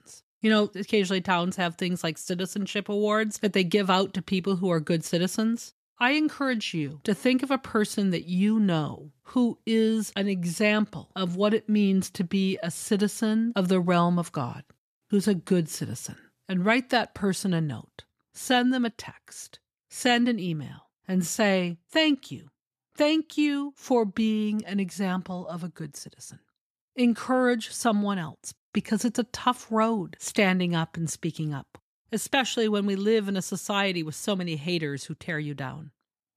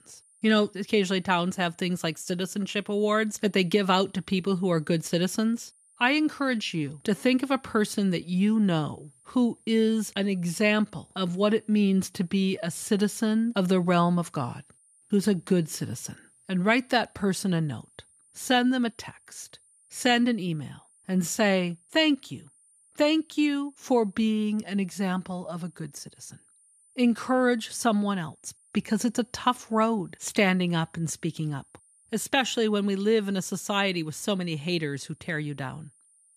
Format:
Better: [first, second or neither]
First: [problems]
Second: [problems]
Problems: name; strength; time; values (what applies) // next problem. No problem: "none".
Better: first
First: none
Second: high-pitched whine; faint; throughout; 9 kHz, 30 dB below the speech